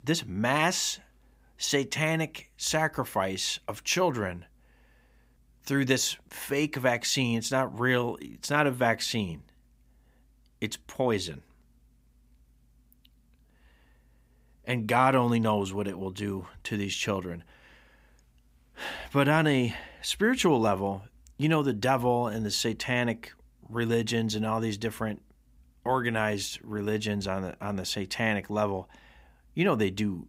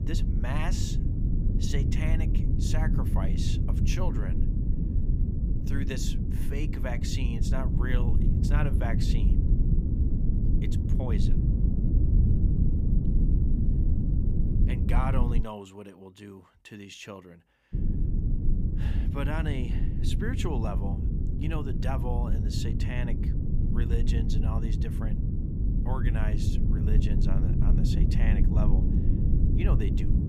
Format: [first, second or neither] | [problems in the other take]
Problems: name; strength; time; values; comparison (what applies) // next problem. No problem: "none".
first | low rumble; loud; until 15 s and from 18 s on; 1 dB below the speech